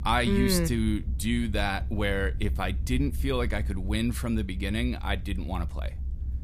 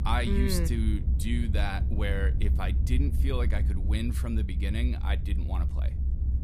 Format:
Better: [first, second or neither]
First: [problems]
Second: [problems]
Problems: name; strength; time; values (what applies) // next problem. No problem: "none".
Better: first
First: low rumble; faint; throughout; 20 dB below the speech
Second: low rumble; loud; throughout; 10 dB below the speech